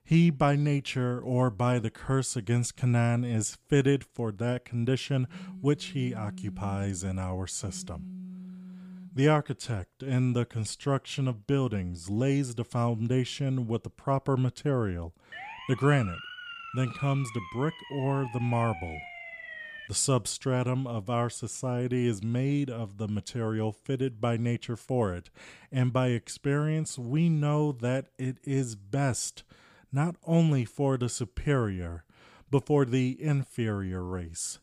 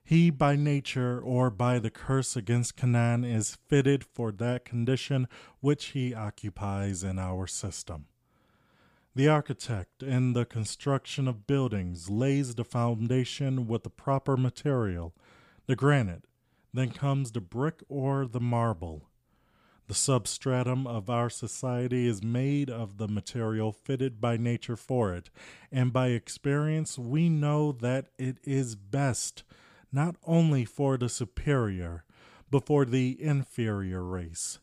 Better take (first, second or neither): second